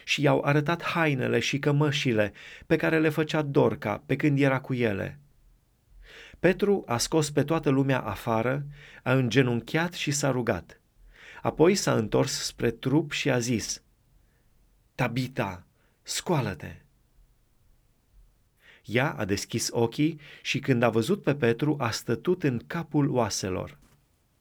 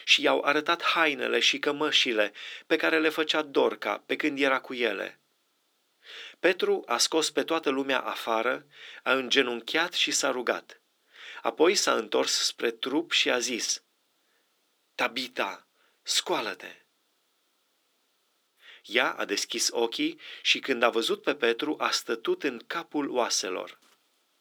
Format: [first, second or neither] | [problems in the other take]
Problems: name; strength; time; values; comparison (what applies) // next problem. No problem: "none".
first | thin; somewhat; fading below 300 Hz